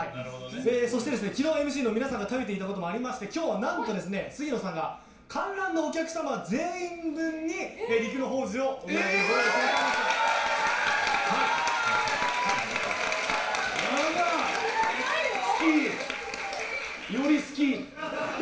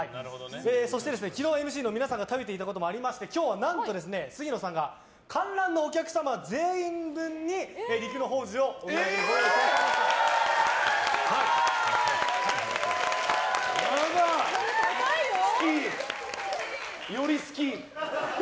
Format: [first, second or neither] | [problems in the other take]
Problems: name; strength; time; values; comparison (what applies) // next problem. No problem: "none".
second | room echo; dies away in 0.3 s